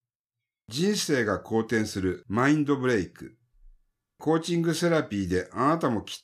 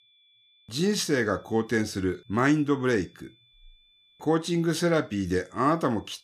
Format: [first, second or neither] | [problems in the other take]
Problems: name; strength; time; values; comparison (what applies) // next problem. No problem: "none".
first | high-pitched whine; faint; throughout; 3.5 kHz, 35 dB below the speech